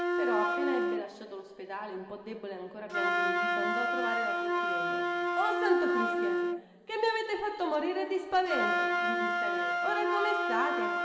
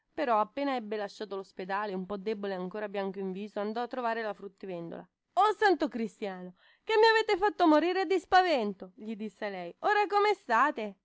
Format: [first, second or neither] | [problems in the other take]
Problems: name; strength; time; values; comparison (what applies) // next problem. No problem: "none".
second | background sound (Wind instrument, woodwind instrument); 3 dB above the speech // room echo; dies away in 2.1 s